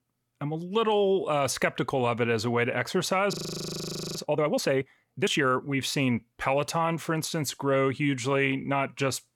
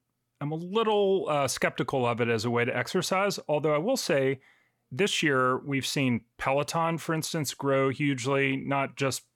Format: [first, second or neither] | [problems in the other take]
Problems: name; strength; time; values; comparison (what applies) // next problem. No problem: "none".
second | audio freezing; at 3.5 s for 1 s